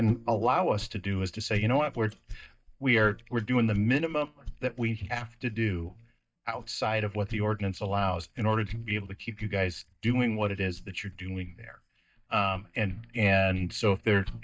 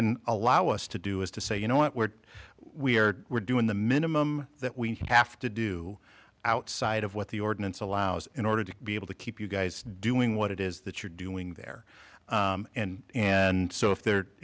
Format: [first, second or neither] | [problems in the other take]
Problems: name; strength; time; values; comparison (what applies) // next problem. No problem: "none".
second | noise reduction (neural mask model DeepFilterNet 3)